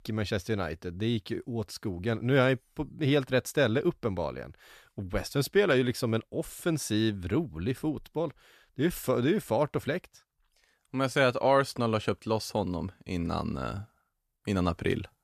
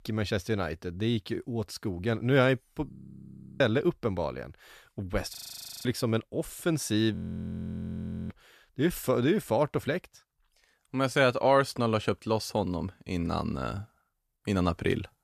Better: first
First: none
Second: audio freezing; at 3 s for 0.5 s, at 5.5 s for 0.5 s and at 7 s for 1 s

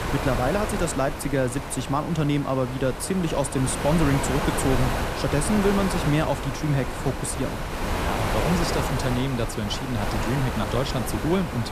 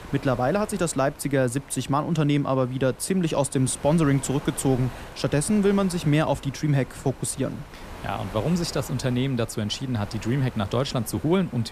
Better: second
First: wind noise on the microphone; heavy; 1 dB below the speech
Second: wind noise on the microphone; occasional gusts; 15 dB below the speech

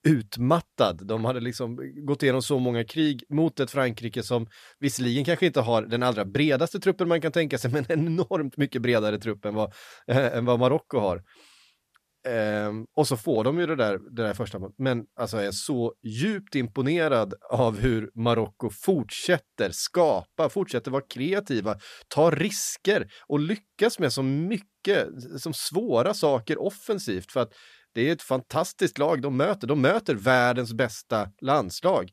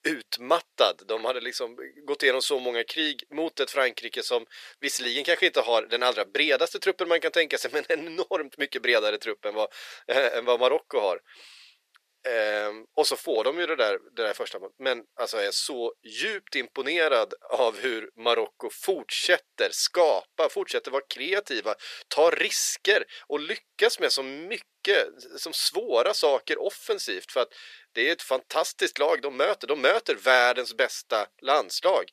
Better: first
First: none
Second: thin; very; fading below 400 Hz

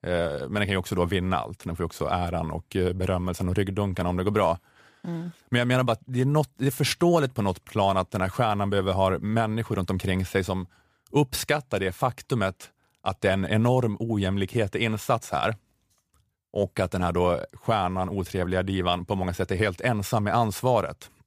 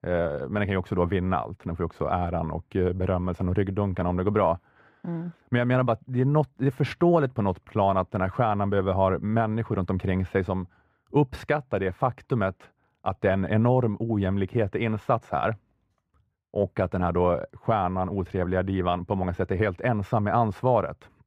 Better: first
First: none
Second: muffled; very; fading above 3.5 kHz

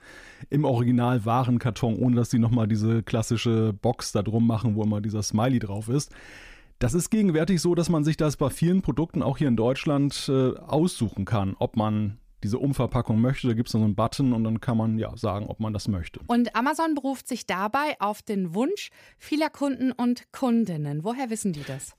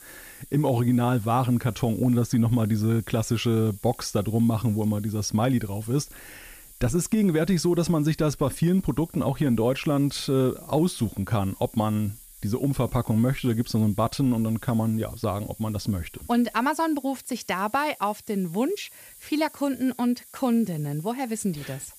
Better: first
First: none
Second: hiss; faint; throughout; 20 dB below the speech

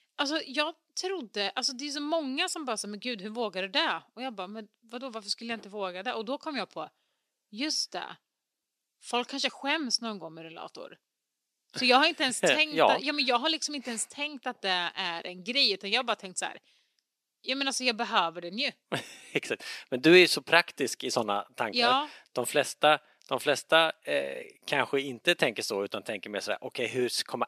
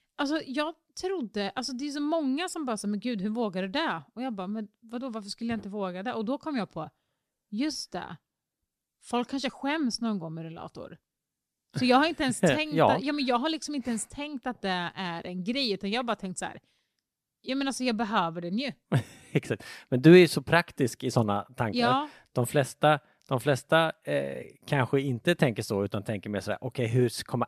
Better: second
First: thin; somewhat; fading below 350 Hz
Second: none

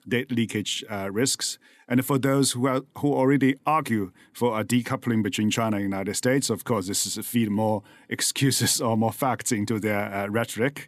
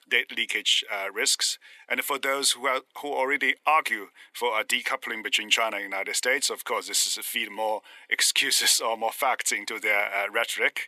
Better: first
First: none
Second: thin; very; fading below 550 Hz

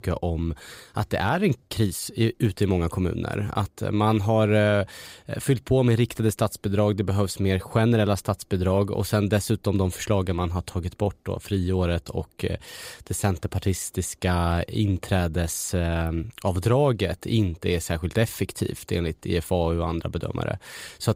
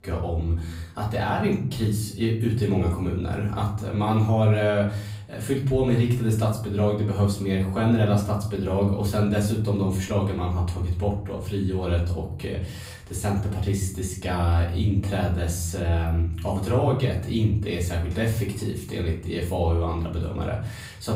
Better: first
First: none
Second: off-mic speech; far // room echo; slight; dies away in 0.7 s

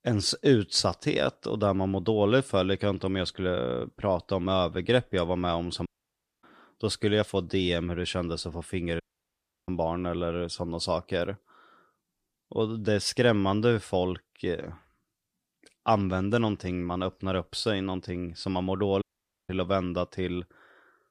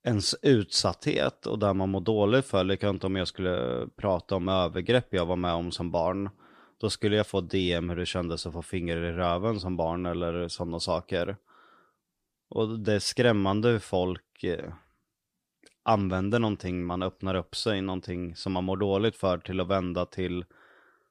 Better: second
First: audio cutting out; at 6 s for 0.5 s, at 9 s for 0.5 s and at 19 s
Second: none

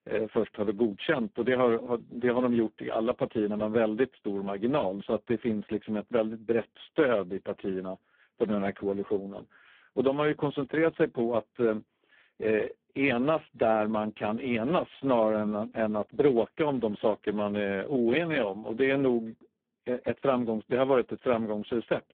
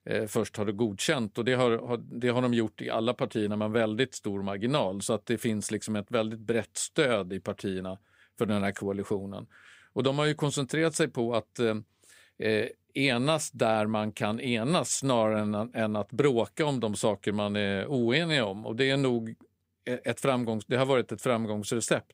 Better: second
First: phone-call audio; poor line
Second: none

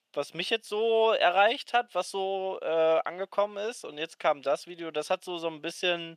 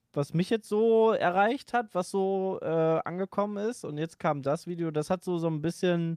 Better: second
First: thin; very; fading below 450 Hz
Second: none

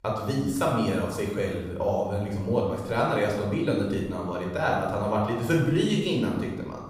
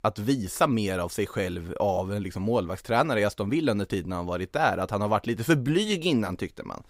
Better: second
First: off-mic speech; somewhat distant // room echo; noticeable; dies away in 0.9 s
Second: none

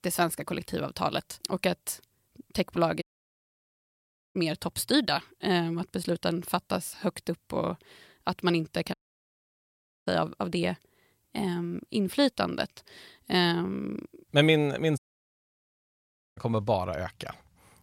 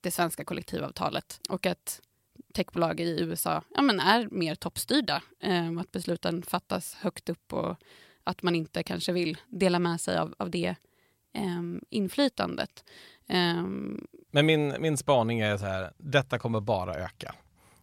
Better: second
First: audio cutting out; at 3 s for 1.5 s, at 9 s for 1 s and at 15 s for 1.5 s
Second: none

